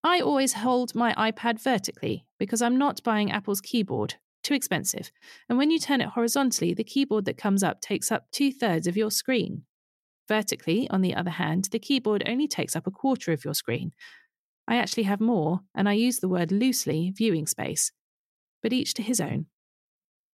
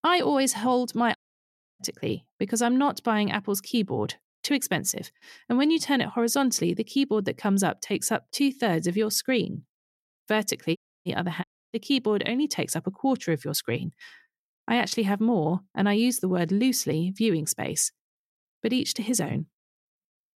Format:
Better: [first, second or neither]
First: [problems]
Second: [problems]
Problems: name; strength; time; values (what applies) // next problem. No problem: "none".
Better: first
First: none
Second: audio cutting out; at 1 s for 0.5 s and at 11 s